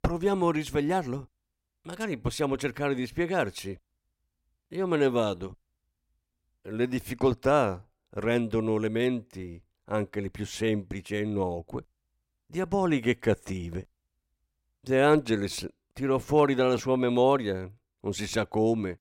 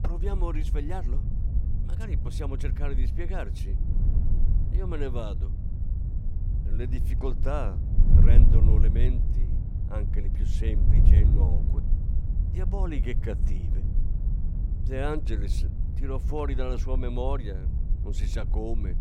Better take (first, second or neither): first